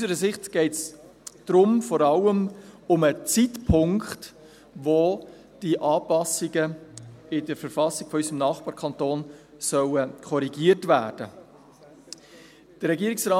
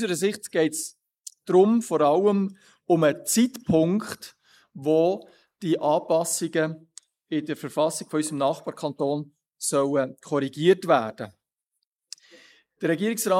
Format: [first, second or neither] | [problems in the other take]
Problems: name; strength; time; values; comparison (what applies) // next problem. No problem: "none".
first | noise reduction (neural mask model Resemble Enhance denoiser)